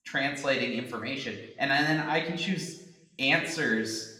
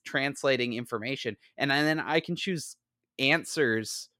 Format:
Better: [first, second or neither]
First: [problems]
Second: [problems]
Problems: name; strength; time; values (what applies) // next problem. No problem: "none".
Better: second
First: room echo; slight; dies away in 0.9 s // off-mic speech; somewhat distant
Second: none